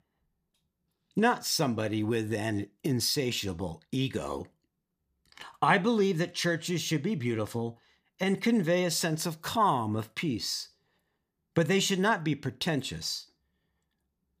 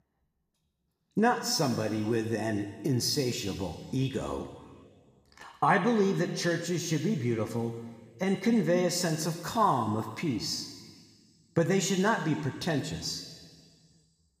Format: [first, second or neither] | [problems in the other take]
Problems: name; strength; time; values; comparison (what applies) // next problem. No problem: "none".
first | room echo; slight; dies away in 1.7 s